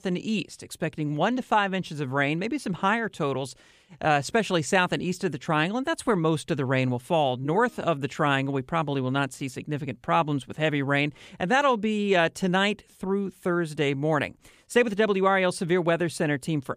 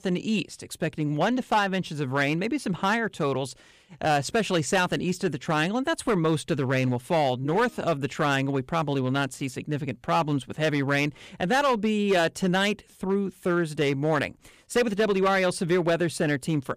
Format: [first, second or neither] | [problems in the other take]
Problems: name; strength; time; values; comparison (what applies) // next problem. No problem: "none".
first | distortion; slight; 5% of the sound clipped